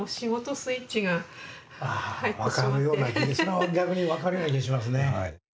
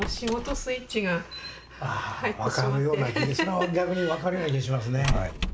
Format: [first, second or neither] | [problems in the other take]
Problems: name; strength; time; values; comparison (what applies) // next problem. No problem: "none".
first | background sound (Squeak / Wood); 8 dB below the speech